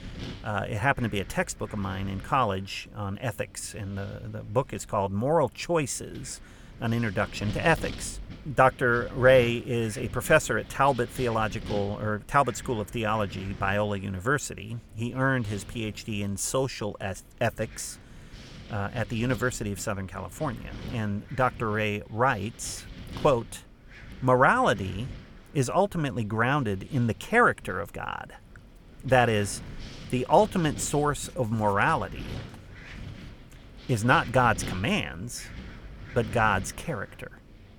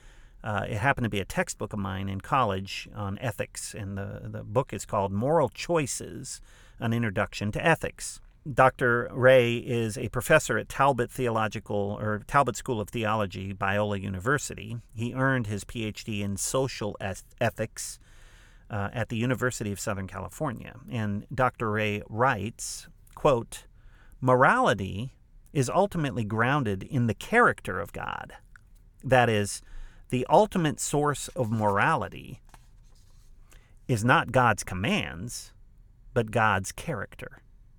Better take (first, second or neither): second